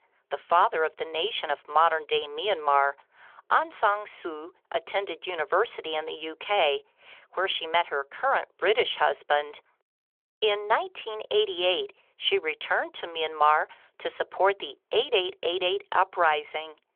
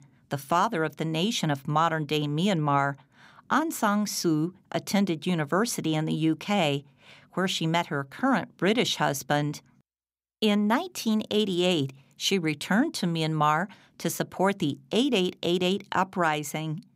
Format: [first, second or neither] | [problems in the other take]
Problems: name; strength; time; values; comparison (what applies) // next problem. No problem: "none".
second | phone-call audio; nothing above 3.5 kHz